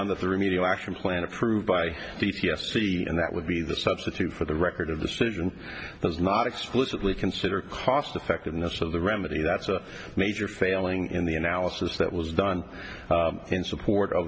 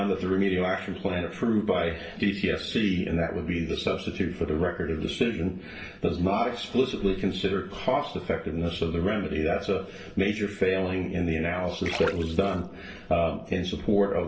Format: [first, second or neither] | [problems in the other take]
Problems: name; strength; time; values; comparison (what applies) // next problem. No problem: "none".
first | noise reduction (neural separator model SepFormer DNS4)